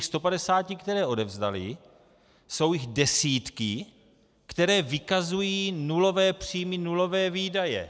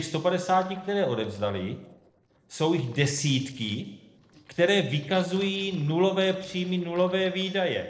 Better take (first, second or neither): first